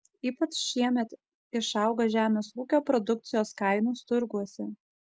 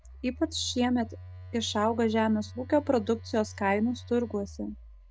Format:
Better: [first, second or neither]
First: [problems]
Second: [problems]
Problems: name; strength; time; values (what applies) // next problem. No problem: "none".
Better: first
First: none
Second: background sound (Telephone); 15 dB below the speech